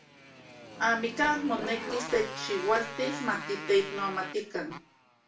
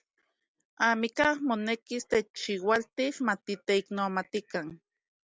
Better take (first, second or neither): second